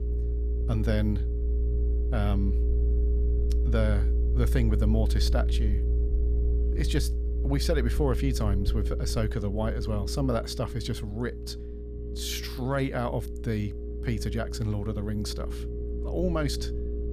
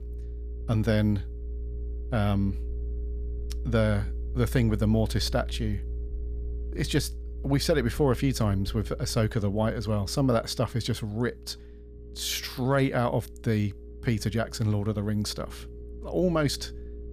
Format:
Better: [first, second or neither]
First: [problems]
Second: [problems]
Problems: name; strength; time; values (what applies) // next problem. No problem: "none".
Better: second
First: low rumble; loud; throughout; 8 dB below the speech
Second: low rumble; faint; throughout; 20 dB below the speech